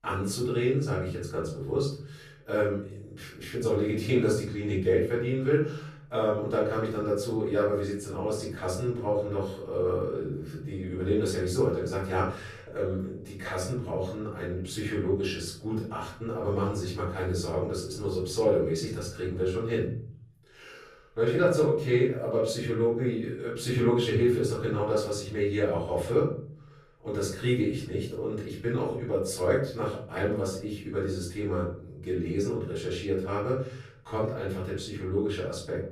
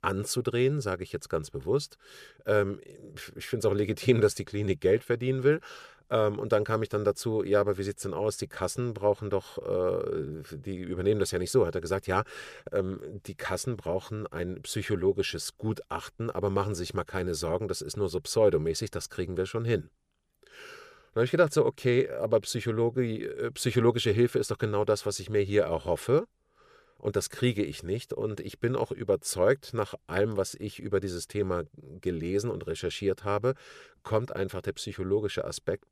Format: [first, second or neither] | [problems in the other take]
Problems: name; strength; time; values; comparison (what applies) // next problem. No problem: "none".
second | off-mic speech; far // room echo; noticeable; dies away in 0.6 s